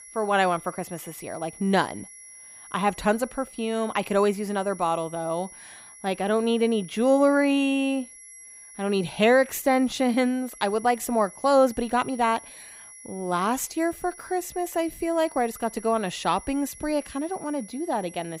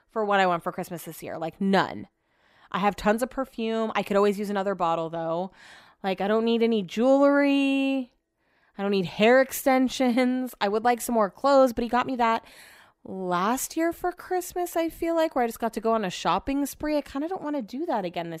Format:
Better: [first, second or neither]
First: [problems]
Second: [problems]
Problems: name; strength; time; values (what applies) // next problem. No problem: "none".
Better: second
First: high-pitched whine; noticeable; throughout; 11 kHz, 20 dB below the speech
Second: none